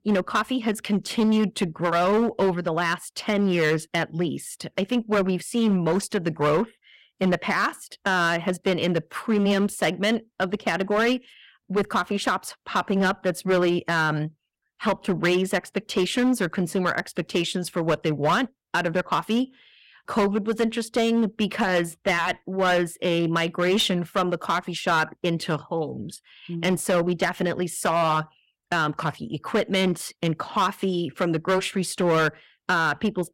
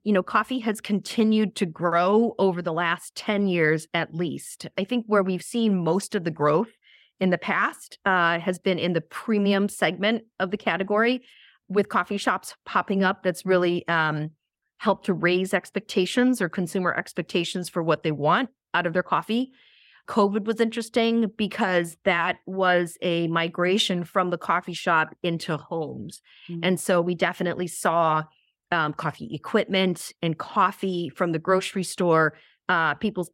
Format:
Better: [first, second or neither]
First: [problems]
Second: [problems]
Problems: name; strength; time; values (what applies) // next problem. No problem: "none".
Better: second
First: distortion; slight; 8% of the sound clipped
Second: none